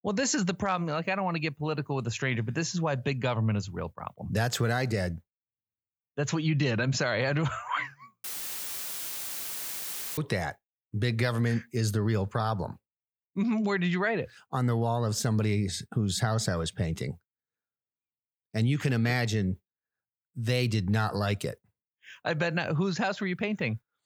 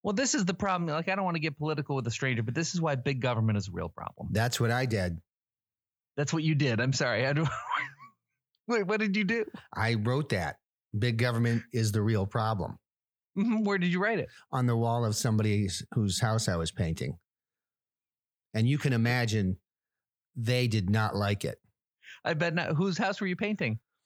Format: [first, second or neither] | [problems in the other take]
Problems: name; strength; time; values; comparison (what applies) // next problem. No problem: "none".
second | audio cutting out; filled with static; at 8 s for 2 s